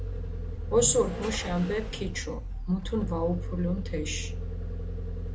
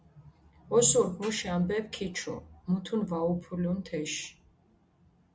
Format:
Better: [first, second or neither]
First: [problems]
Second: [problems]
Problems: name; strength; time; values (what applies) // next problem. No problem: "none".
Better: second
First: background sound (Vehicle); 3 dB below the speech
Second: none